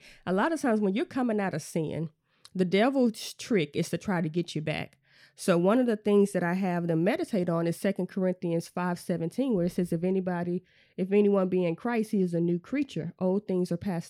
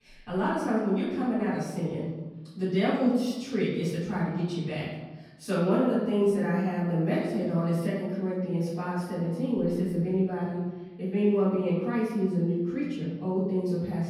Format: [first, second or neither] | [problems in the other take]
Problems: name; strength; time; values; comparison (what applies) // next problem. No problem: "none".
first | off-mic speech; far // room echo; noticeable; dies away in 1.1 s